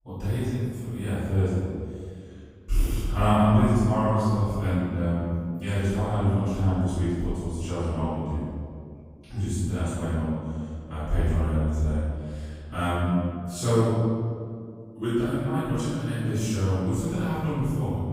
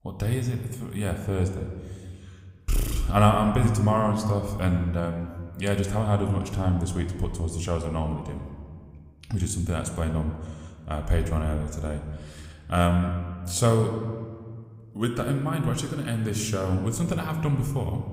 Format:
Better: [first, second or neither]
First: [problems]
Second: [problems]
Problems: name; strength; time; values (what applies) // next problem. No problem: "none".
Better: second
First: room echo; strong; dies away in 2.1 s // off-mic speech; far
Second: room echo; slight; dies away in 1.4 s